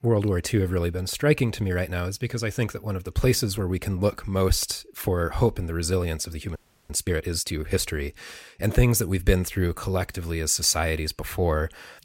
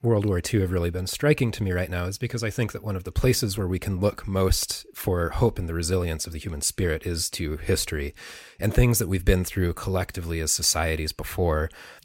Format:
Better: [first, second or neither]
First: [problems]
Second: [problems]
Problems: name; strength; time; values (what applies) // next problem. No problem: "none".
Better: second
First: audio freezing; at 6.5 s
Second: none